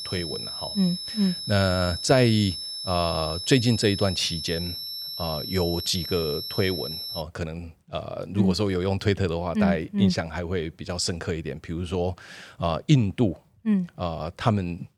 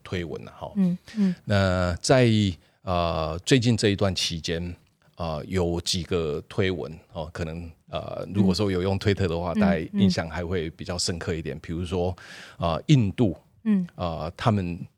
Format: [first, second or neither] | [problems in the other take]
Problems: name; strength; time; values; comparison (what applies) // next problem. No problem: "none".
second | high-pitched whine; loud; until 7 s; 5.5 kHz, 6 dB below the speech